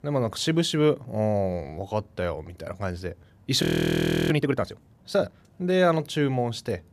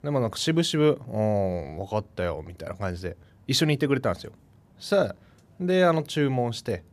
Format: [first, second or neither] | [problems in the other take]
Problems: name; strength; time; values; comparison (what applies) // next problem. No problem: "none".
second | audio freezing; at 3.5 s for 0.5 s